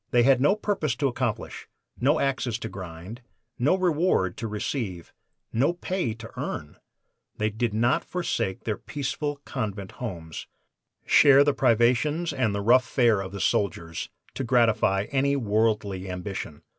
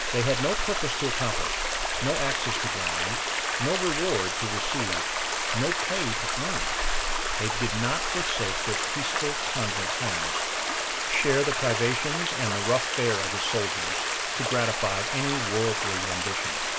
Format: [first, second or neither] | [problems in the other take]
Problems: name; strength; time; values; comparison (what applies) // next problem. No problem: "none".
first | background sound (Stream); 3 dB above the speech